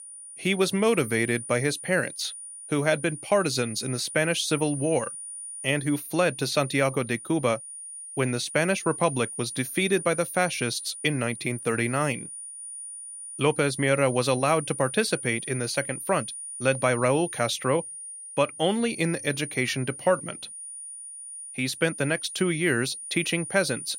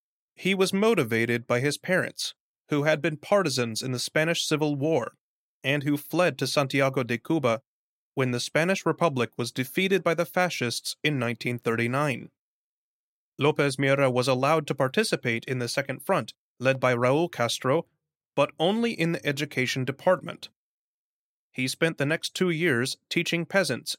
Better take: second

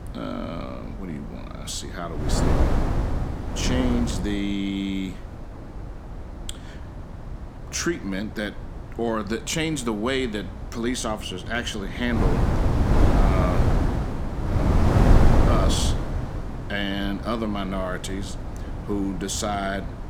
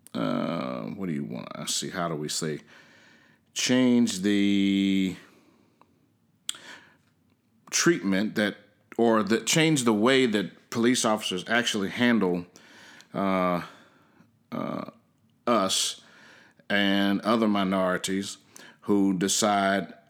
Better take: second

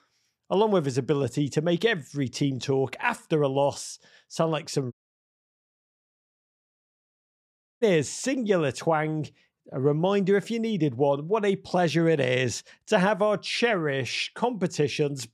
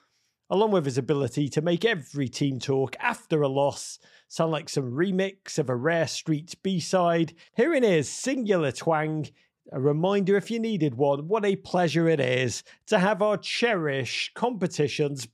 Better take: second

